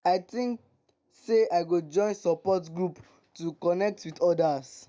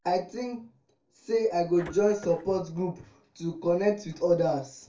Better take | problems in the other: first | background sound (Printer); 18 dB below the speech // room echo; dies away in 0.3 s

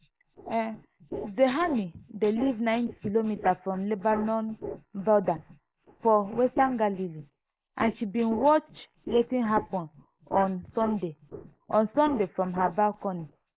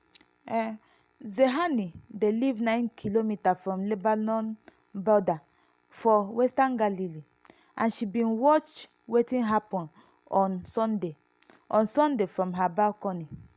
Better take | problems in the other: second | noise reduction (neural mask model Resemble Enhance denoiser)

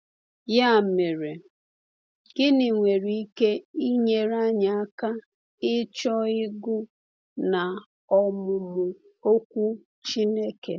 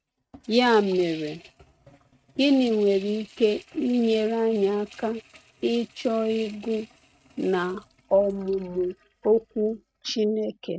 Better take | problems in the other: first | noise reduction (neural mask model RNNoise)

